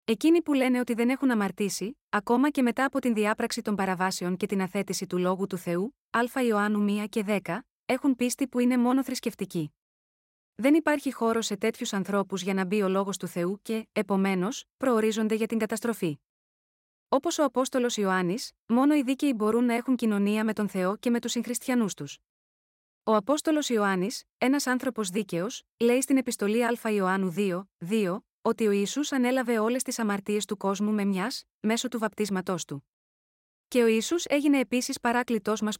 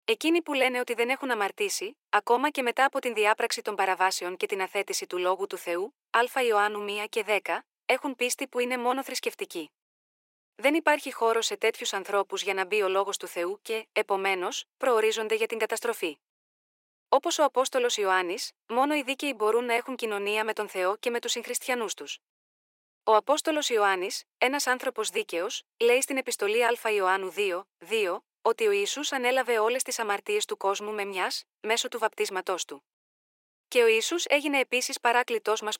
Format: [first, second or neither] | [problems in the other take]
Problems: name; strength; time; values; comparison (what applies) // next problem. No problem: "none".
first | thin; very; fading below 400 Hz